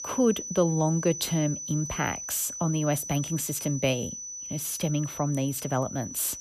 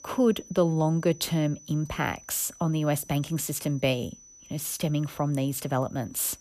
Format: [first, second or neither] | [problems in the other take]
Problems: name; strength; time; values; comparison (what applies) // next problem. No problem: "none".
second | high-pitched whine; loud; throughout; 6 kHz, 7 dB below the speech; faint in the second